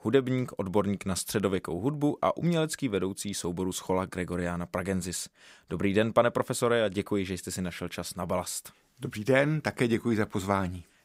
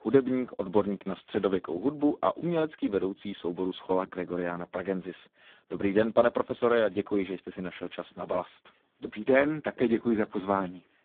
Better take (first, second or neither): first